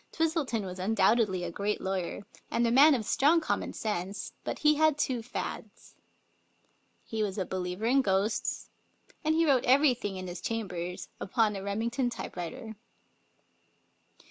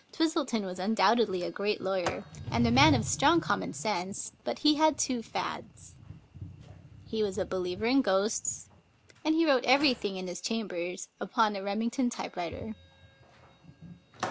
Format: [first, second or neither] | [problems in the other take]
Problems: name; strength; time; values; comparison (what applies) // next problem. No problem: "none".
first | background sound (Sliding door); 13 dB below the speech